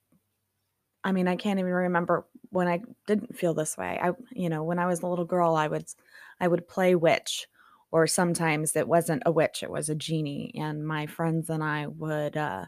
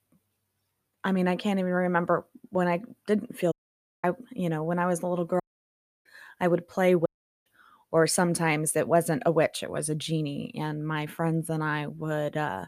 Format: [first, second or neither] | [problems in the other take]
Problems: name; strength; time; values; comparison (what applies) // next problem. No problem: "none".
first | audio cutting out; at 3.5 s for 0.5 s, at 5.5 s for 0.5 s and at 7 s